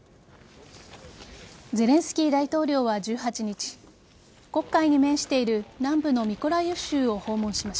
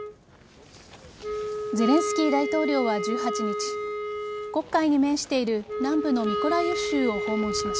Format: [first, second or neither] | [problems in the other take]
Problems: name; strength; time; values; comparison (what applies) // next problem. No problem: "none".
first | background sound (Wind instrument, woodwind instrument); 4 dB below the speech